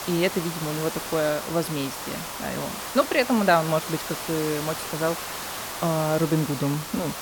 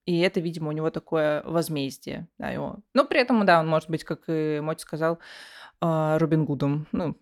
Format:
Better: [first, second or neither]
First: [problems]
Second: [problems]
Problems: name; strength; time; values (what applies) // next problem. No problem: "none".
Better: second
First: hiss; loud; throughout; 6 dB below the speech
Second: none